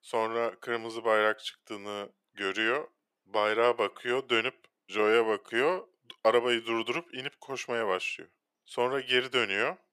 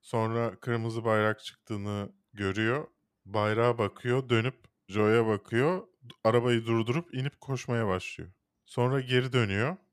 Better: second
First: thin; very; fading below 450 Hz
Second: none

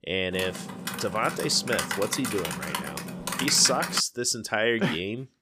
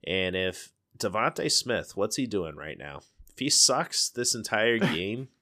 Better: second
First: keyboard typing; noticeable; until 4 s; peak 3 dB below the speech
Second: none

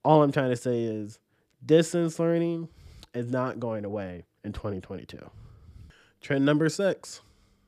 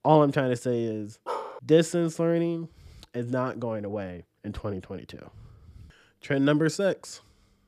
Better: first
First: none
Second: dog barking; noticeable; at 1.5 s; peak 8 dB below the speech

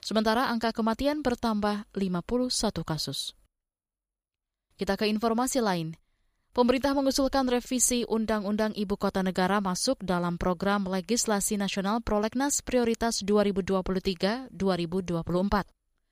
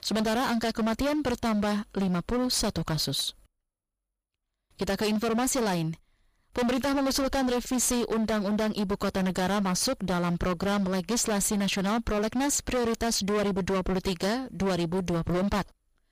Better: first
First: none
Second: distortion; heavy; 28% of the sound clipped

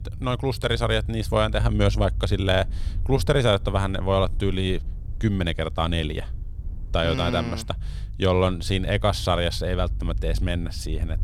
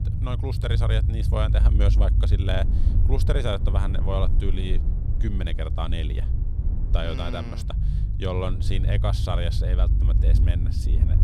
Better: first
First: low rumble; faint; throughout; 25 dB below the speech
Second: low rumble; loud; throughout; 8 dB below the speech

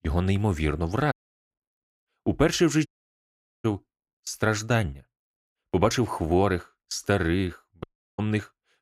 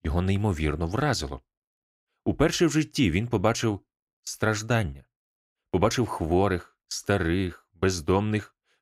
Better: second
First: audio cutting out; at 1 s, at 3 s for 1 s and at 8 s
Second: none

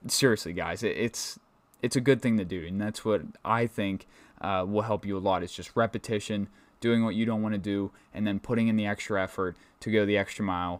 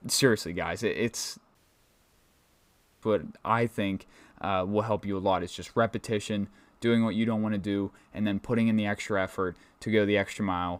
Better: first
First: none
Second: audio cutting out; at 1.5 s for 1.5 s

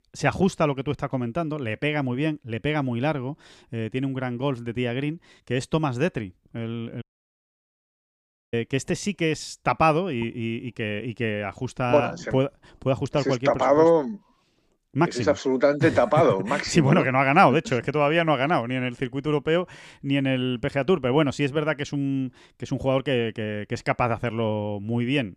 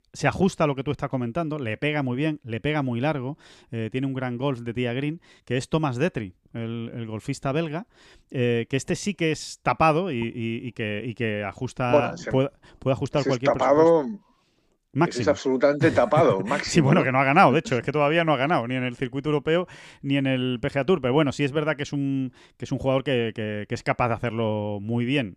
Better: second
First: audio cutting out; at 7 s for 1.5 s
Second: none

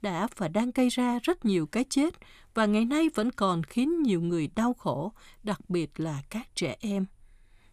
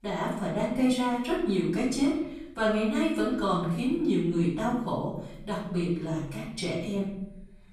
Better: first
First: none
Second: off-mic speech; far // room echo; noticeable; dies away in 0.7 s

